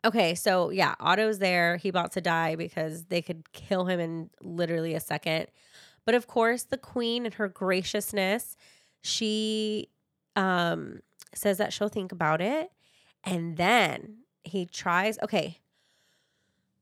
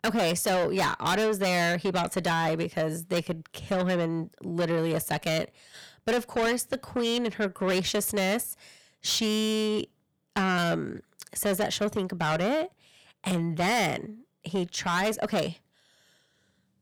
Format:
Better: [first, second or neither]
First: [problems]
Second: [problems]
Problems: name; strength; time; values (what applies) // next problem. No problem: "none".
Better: first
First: none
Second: distortion; heavy; 6 dB below the speech